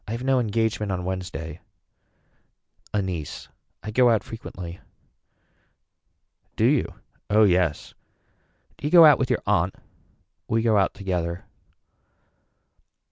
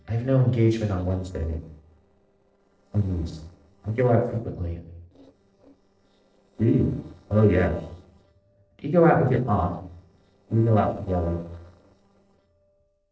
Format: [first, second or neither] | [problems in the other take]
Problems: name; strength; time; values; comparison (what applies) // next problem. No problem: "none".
first | noise reduction (neural separator model SepFormer DNS4)